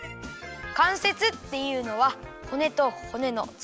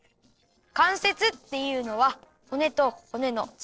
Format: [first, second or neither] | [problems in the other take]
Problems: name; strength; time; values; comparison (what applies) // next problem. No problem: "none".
first | noise reduction (neural separator model SepFormer DNS4)